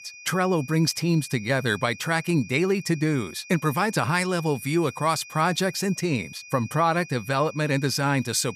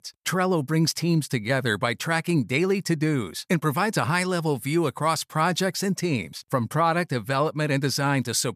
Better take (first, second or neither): second